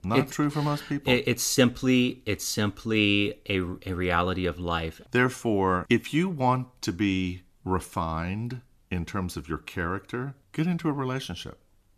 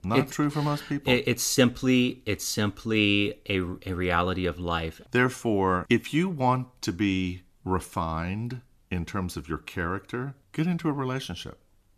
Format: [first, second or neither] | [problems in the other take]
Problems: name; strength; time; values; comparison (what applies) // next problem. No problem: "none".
neither | none